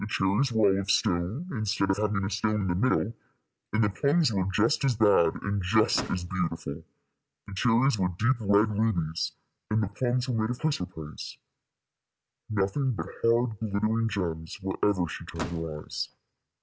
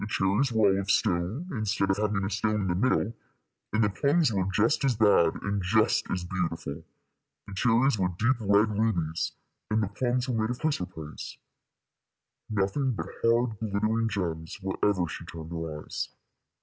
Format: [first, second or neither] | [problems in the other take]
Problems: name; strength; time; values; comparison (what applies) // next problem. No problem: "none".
second | background sound (Slam / Microwave oven); 12 dB below the speech